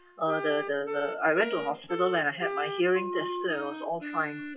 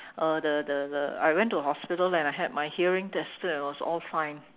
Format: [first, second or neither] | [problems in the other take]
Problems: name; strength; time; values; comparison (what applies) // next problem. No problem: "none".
second | noise reduction (classical method WPE with log-MMSE)